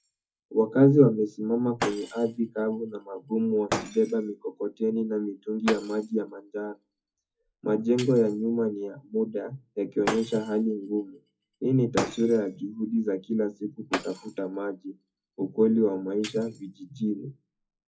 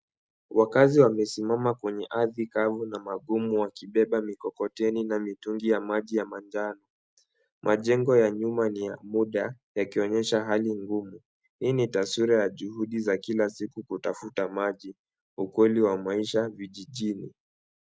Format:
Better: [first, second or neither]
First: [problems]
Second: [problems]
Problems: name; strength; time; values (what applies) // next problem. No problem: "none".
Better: second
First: noise reduction (classical method WPE with log-MMSE)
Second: none